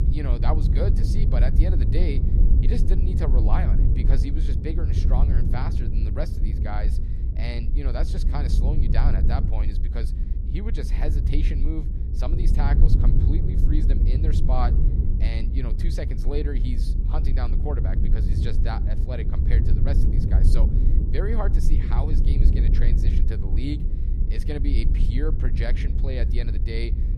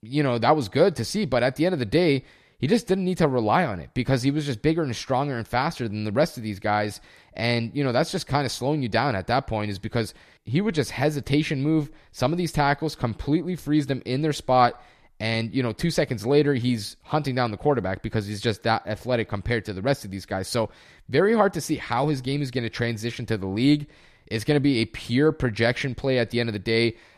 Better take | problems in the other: second | low rumble; loud; throughout; 3 dB below the speech

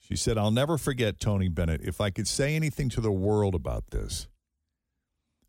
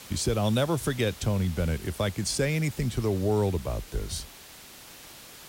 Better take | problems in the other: first | hiss; noticeable; throughout; 15 dB below the speech

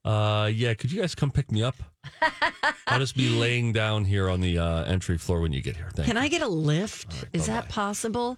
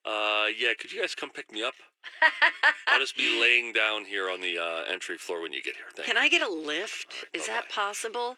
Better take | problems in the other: first | thin; very; fading below 350 Hz

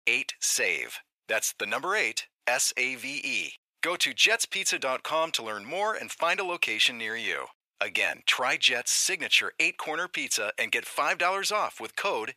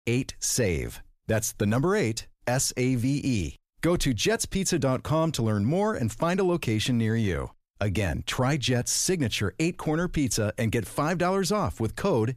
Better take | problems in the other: second | thin; very; fading below 750 Hz

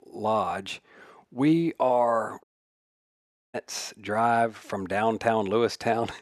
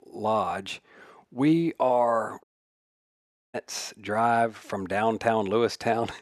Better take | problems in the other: neither | audio cutting out; at 2.5 s for 1 s; the same in both

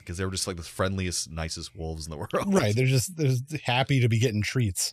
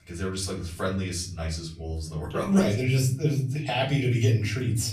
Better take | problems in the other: first | off-mic speech; far // room echo; slight; dies away in 0.5 s

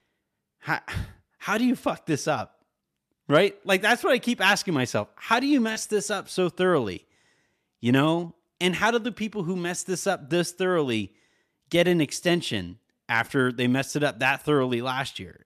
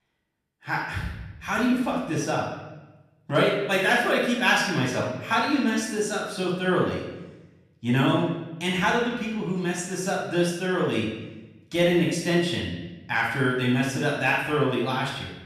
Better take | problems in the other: first | off-mic speech; far // room echo; noticeable; dies away in 0.9 s

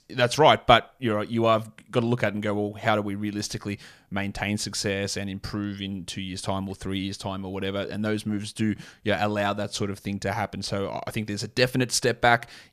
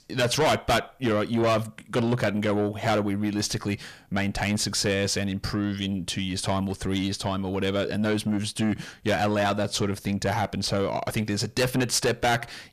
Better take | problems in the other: first | distortion; heavy; 6 dB below the speech

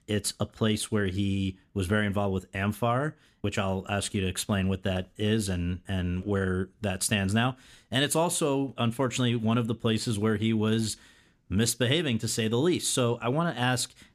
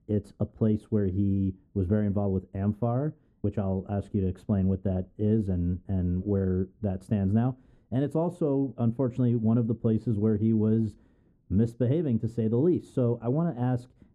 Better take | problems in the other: first | muffled; very; fading above 1.5 kHz

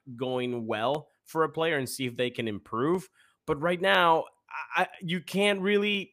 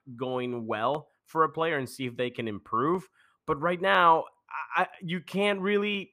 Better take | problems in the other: first | muffled; slightly; fading above 3.5 kHz

